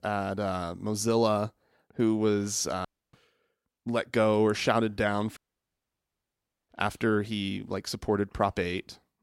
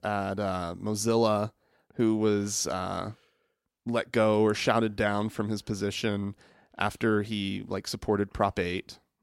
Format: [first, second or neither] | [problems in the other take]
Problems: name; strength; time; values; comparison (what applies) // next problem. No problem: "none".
second | audio cutting out; at 3 s and at 5.5 s for 1.5 s